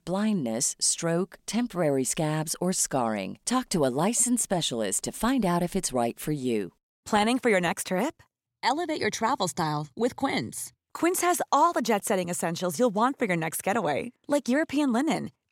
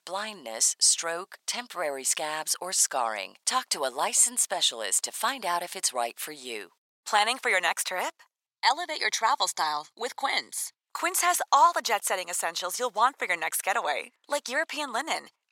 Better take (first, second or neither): first